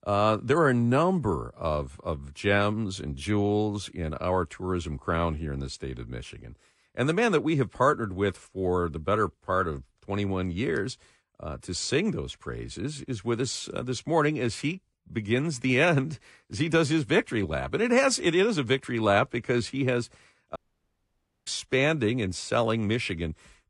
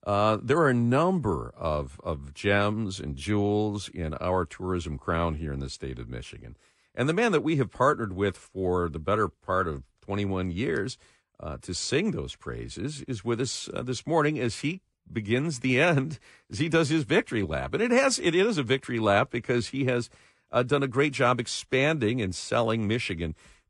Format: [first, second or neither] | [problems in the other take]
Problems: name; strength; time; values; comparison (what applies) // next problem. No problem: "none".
second | audio cutting out; at 21 s for 1 s